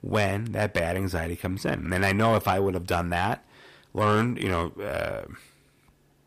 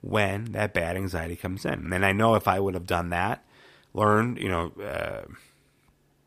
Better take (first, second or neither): second